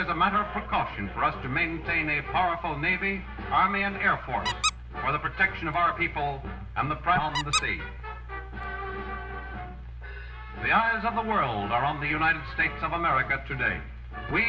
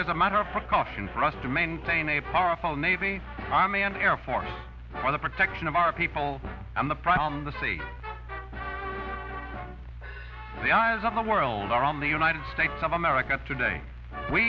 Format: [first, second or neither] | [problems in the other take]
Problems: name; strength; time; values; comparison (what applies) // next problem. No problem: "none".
second | background sound (Squeak); 7 dB below the speech // room echo; dies away in 0.6 s